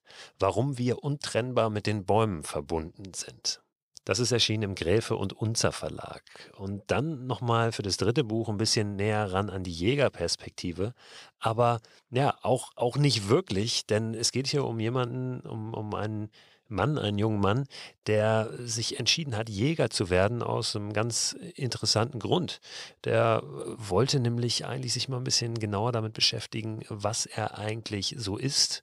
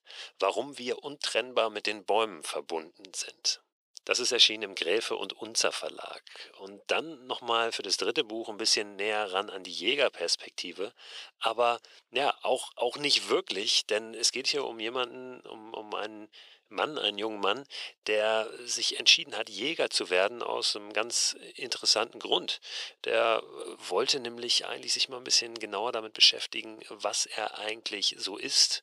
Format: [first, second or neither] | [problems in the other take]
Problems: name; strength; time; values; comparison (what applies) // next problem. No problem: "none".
first | thin; very; fading below 350 Hz